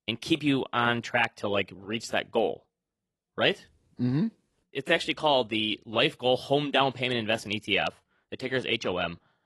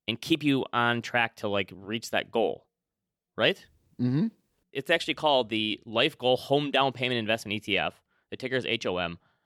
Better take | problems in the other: second | garbled, watery; slightly; nothing above 11.5 kHz

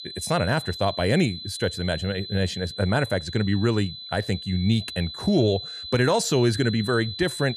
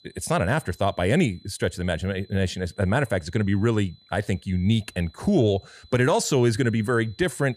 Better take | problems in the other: second | high-pitched whine; loud; throughout; 4 kHz, 10 dB below the speech; faint in the second

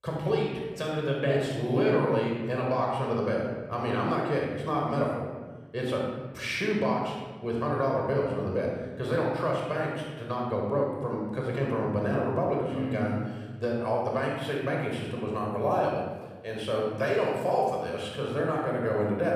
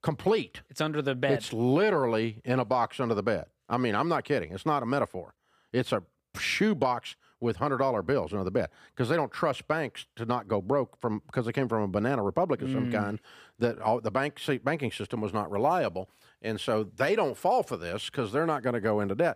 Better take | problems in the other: second | off-mic speech; somewhat distant // room echo; noticeable; dies away in 1.3 s

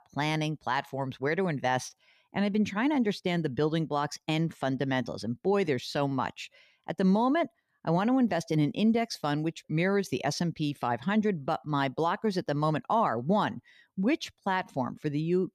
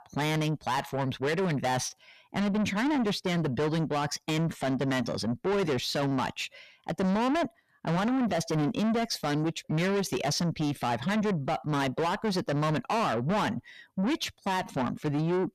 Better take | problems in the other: first | distortion; heavy; 7 dB below the speech

